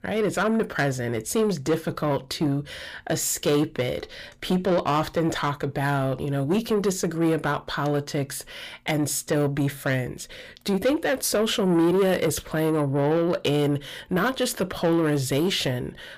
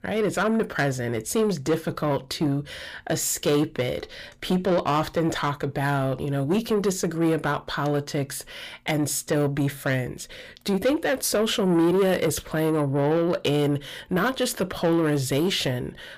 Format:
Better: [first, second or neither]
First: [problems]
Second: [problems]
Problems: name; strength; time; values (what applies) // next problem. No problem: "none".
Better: neither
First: distortion; slight; 10 dB below the speech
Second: distortion; slight; 10 dB below the speech